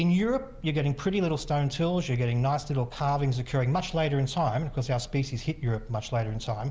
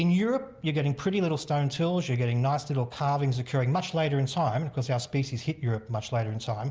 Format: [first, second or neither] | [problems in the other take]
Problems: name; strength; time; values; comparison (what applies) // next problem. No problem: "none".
second | background sound (Bird / Breathing); 17 dB below the speech